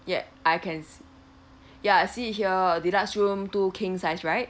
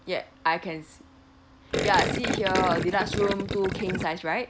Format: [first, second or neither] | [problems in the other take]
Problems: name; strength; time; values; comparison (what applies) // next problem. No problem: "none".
first | background sound (Gurgling); 1 dB below the speech